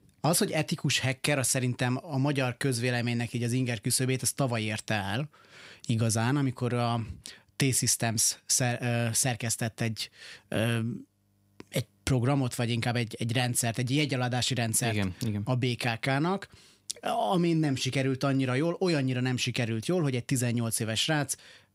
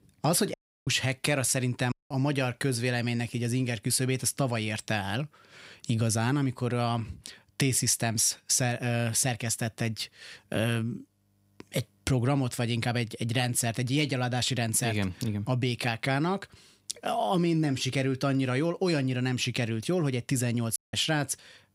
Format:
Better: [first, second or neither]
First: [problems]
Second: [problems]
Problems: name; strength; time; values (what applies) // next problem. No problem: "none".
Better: first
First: none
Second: audio cutting out; at 0.5 s, at 2 s and at 21 s